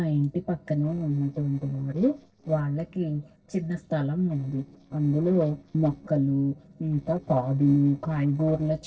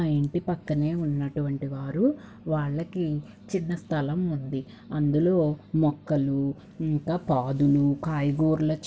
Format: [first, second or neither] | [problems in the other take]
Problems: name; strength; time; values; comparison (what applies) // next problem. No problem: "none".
second | noise reduction (neural separator model SepFormer DNS4)